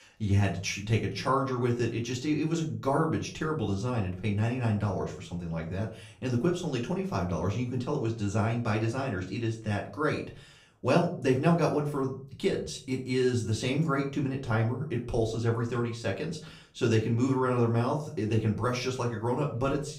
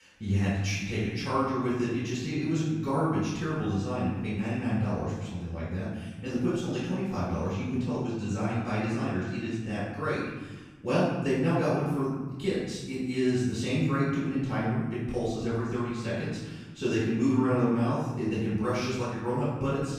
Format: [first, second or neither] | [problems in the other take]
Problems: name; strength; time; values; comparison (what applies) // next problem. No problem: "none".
first | room echo; strong; dies away in 1.3 s; slight in the first // off-mic speech; far; far in the first